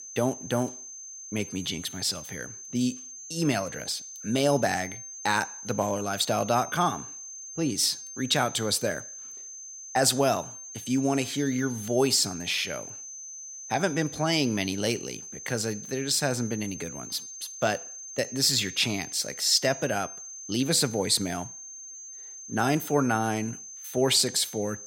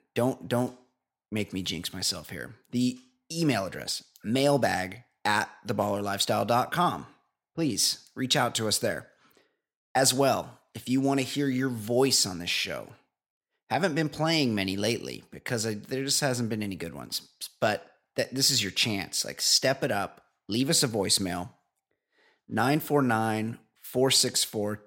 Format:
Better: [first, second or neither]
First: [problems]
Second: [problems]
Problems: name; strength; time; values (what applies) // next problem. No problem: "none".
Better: second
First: high-pitched whine; noticeable; throughout; 6.5 kHz, 10 dB below the speech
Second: none